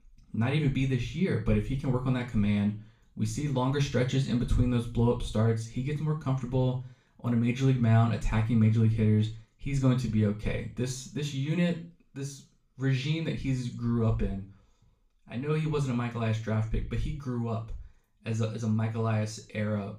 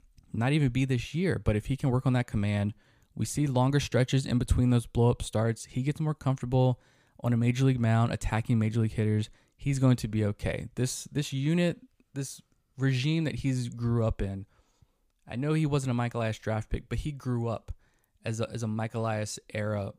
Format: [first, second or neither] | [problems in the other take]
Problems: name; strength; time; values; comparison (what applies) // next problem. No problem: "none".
second | room echo; slight; dies away in 0.3 s // off-mic speech; far